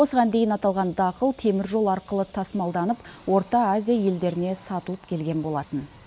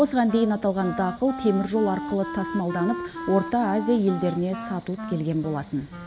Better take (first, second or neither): first